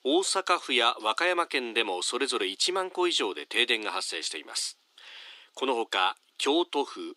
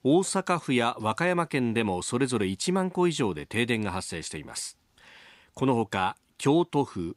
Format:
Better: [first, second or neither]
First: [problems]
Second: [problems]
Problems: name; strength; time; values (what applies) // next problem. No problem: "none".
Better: second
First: thin; somewhat; fading below 300 Hz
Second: none